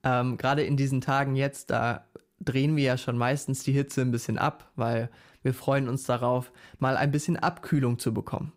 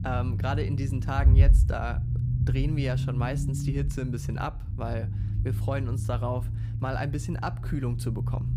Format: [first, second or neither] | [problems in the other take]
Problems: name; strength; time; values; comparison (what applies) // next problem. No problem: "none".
first | low rumble; loud; throughout; 7 dB below the speech